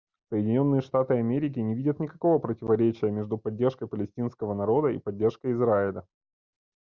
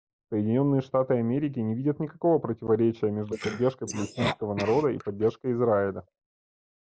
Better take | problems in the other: first | noise reduction (neural mask model Resemble Enhance denoiser)

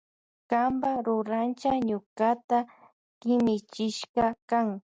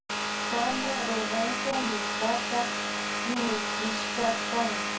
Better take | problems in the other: first | background sound (Vehicle); 1 dB above the speech // room echo; dies away in 0.2 s

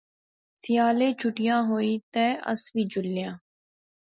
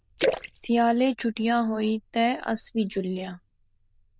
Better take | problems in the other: first | noise reduction (neural diffusion model UNIVERSE++)

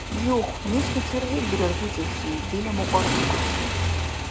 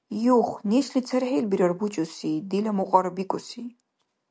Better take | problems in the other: second | background sound (Motorcycle); 2 dB above the speech

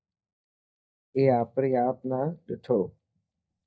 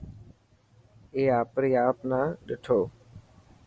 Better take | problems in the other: second | noise reduction (neural mask model DeepFilterNet 3)

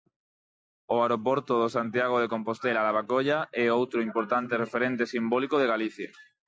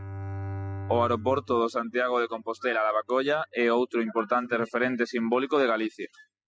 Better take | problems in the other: first | noise reduction (classical method spectral subtraction)

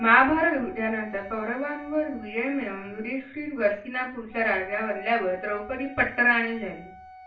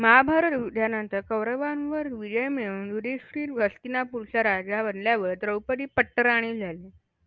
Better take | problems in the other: second | background sound (Wind instrument, woodwind instrument); 18 dB below the speech // room echo; dies away in 0.3 s

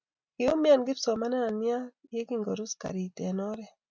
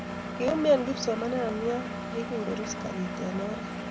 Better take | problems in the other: first | background sound (Engine); 5 dB below the speech

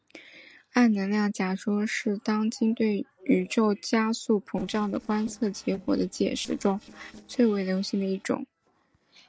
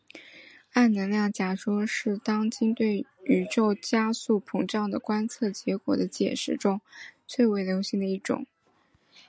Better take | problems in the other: second | noise reduction (neural separator model SepFormer DNS4)

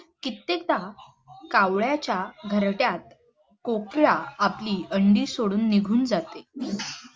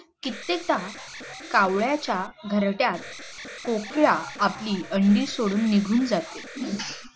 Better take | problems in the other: first | background sound (Alarm); 15 dB below the speech

